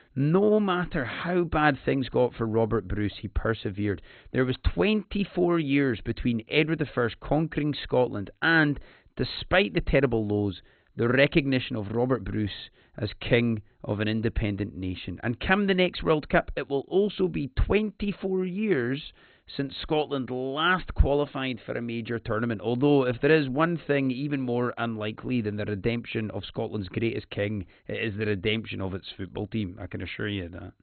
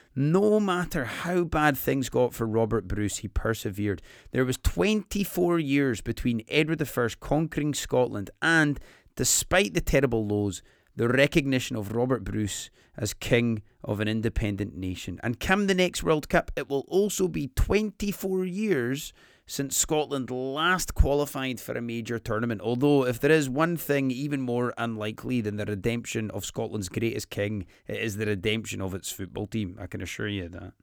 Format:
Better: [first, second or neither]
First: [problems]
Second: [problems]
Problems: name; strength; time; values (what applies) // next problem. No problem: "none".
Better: second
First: garbled, watery; badly; nothing above 4 kHz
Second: none